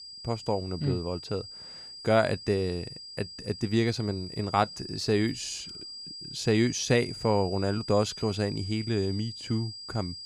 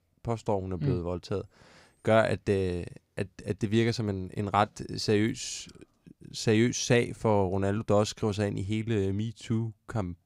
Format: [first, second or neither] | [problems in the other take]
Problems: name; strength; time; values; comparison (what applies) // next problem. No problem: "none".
second | high-pitched whine; noticeable; throughout; 5 kHz, 10 dB below the speech